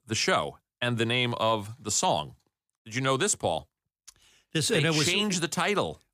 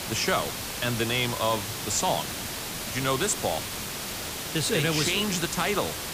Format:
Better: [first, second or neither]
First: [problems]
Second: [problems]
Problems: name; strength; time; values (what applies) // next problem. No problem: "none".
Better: first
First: none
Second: hiss; loud; throughout; 4 dB below the speech